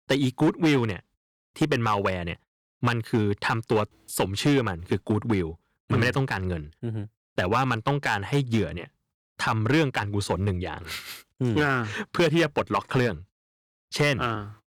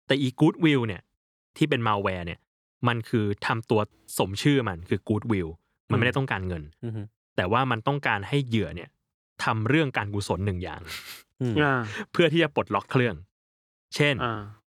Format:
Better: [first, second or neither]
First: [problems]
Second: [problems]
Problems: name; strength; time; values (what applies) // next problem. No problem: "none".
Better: second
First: distortion; slight; 4% of the sound clipped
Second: none